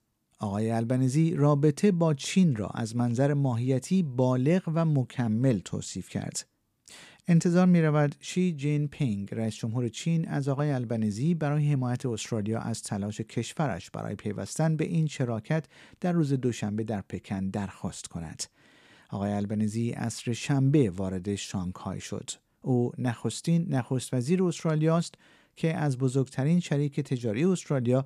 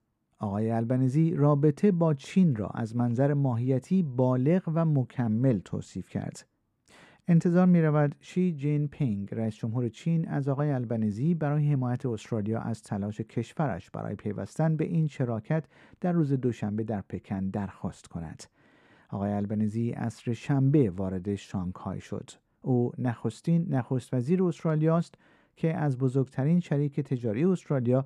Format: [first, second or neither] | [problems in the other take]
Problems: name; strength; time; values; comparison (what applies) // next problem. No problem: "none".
first | muffled; slightly; fading above 2.5 kHz